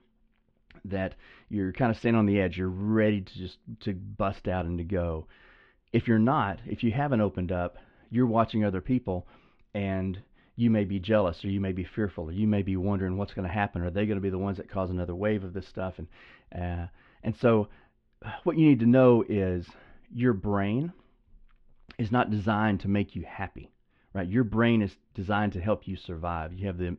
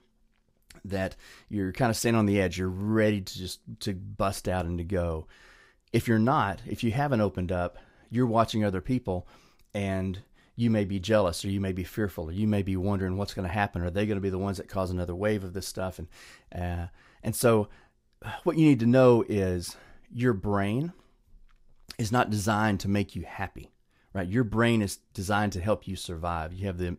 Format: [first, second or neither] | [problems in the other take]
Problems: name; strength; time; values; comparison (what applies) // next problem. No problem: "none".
second | muffled; very; fading above 3 kHz